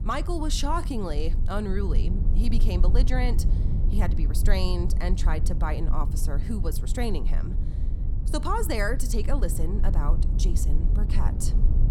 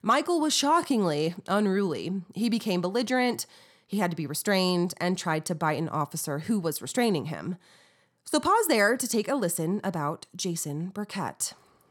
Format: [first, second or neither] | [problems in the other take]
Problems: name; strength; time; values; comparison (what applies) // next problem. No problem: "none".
second | low rumble; noticeable; throughout; 10 dB below the speech